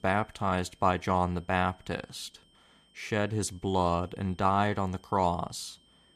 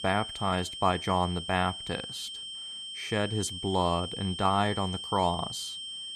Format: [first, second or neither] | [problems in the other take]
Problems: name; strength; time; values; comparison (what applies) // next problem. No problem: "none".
first | high-pitched whine; loud; throughout; 3 kHz, 7 dB below the speech; faint in the first